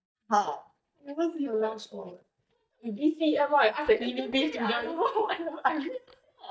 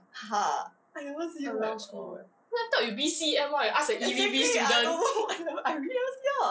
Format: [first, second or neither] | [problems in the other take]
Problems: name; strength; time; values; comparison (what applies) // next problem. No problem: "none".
second | noise reduction (neural mask model DeepFilterNet 3)